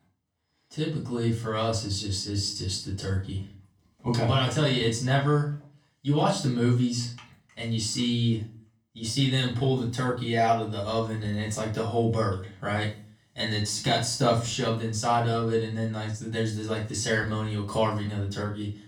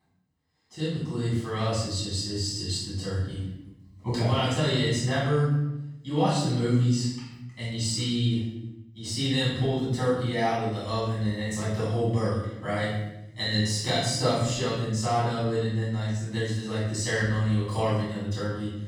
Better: first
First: room echo; slight; dies away in 0.3 s // off-mic speech; far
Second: room echo; strong; dies away in 0.9 s // off-mic speech; far

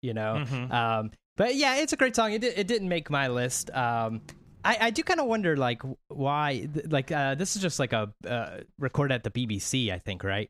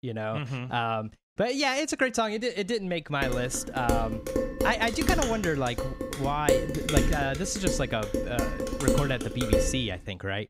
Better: first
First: none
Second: clattering dishes; loud; from 3 to 10 s; peak 3 dB above the speech

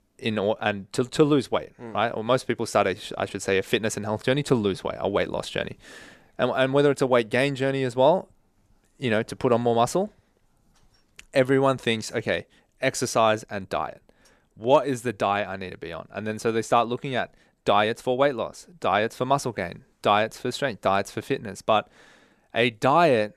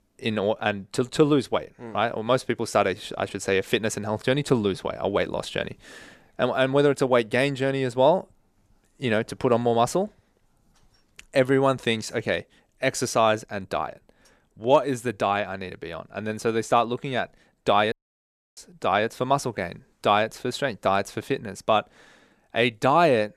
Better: first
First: none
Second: audio cutting out; at 18 s for 0.5 s

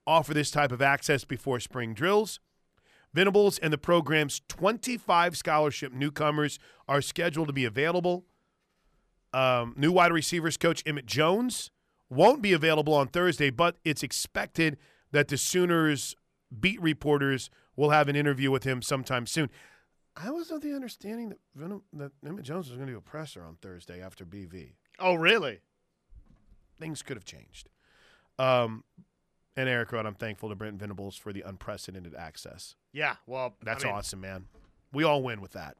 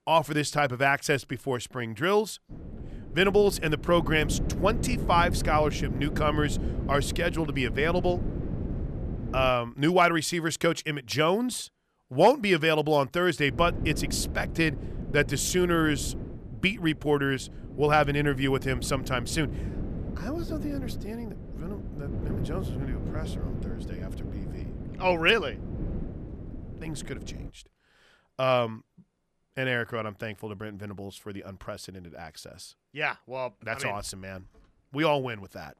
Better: first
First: none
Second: wind noise on the microphone; occasional gusts; from 2.5 to 9.5 s and from 13 to 28 s; 15 dB below the speech

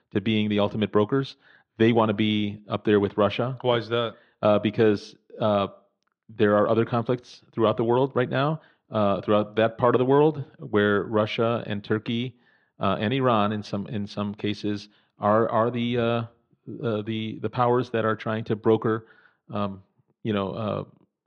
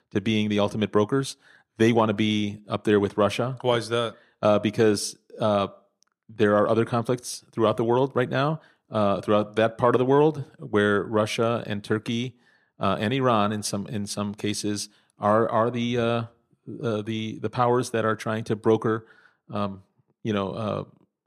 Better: second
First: muffled; slightly; fading above 3.5 kHz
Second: none

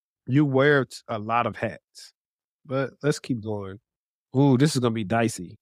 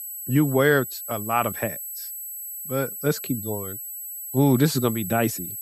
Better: first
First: none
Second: high-pitched whine; loud; throughout; 11.5 kHz, 8 dB below the speech

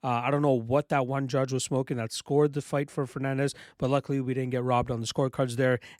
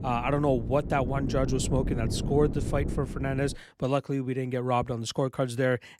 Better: first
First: none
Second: wind noise on the microphone; occasional gusts; until 3.5 s; 10 dB below the speech

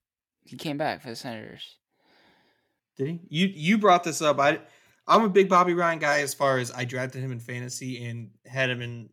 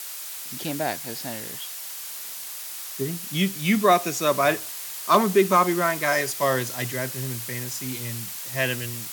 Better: first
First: none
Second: hiss; loud; throughout; 8 dB below the speech

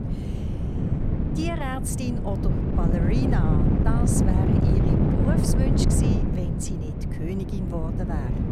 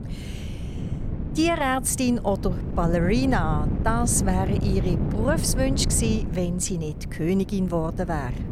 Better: second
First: wind noise on the microphone; heavy; 2 dB above the speech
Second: wind noise on the microphone; occasional gusts; 10 dB below the speech

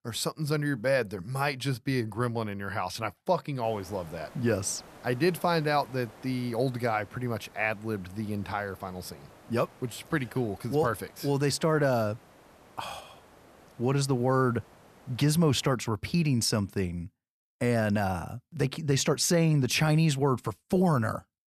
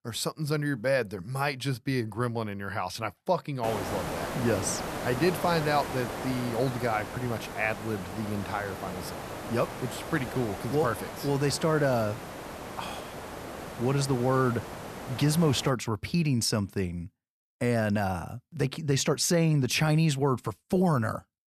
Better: first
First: hiss; faint; from 3.5 to 16 s; 25 dB below the speech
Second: hiss; loud; from 3.5 to 16 s; 9 dB below the speech

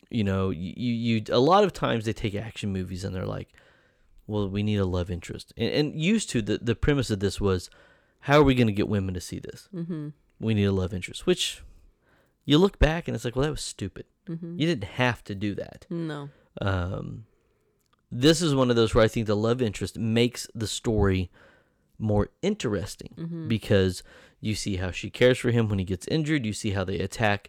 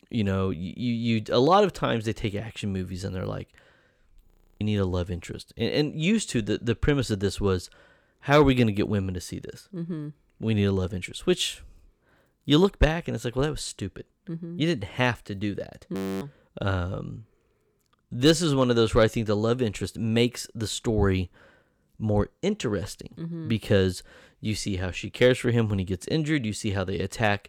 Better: first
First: none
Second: audio freezing; at 4.5 s and at 16 s

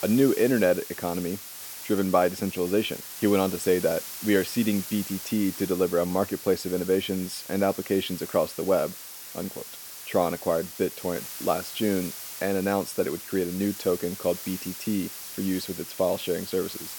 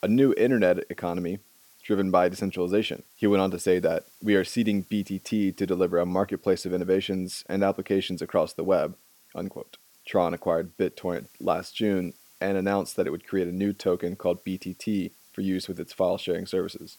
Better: second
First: hiss; loud; throughout; 10 dB below the speech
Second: hiss; faint; throughout; 25 dB below the speech

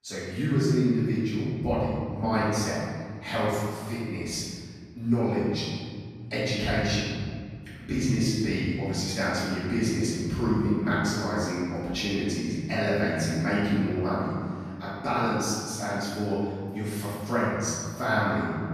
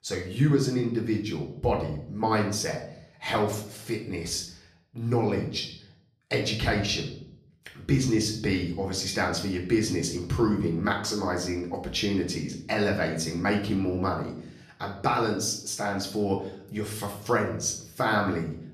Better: second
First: room echo; strong; dies away in 2 s // off-mic speech; far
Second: room echo; slight; dies away in 0.5 s // off-mic speech; somewhat distant

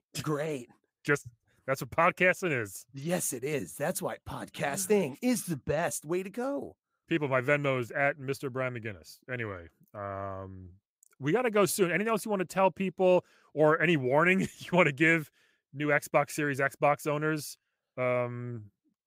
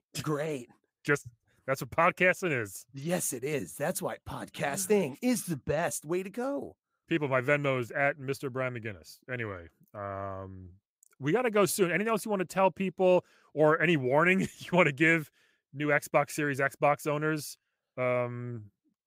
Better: neither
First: none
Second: none

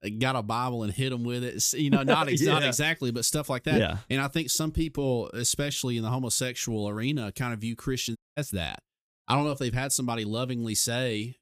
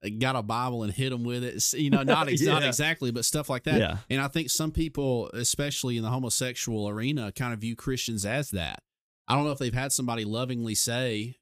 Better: second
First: audio cutting out; at 8 s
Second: none

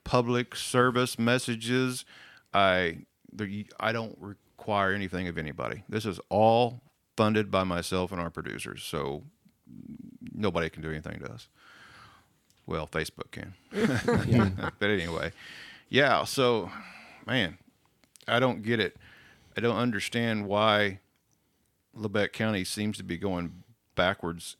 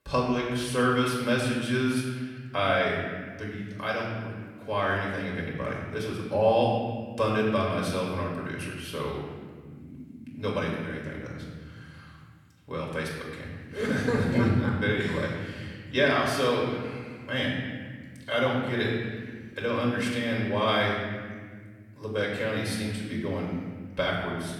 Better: first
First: none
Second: off-mic speech; far // room echo; noticeable; dies away in 1.8 s

